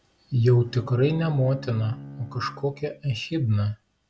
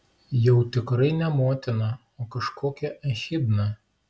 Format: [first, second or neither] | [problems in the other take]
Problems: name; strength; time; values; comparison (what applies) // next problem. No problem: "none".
second | background sound (Bowed string instrument); 17 dB below the speech